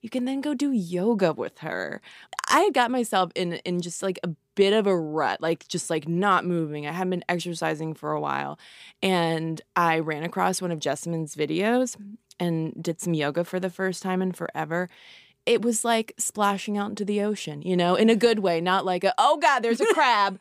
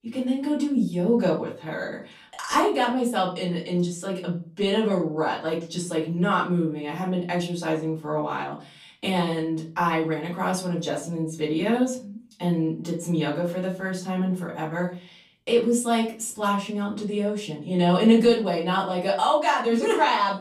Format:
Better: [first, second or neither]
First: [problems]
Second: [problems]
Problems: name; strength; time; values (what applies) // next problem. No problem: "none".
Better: first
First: none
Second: off-mic speech; far // room echo; slight; dies away in 0.3 s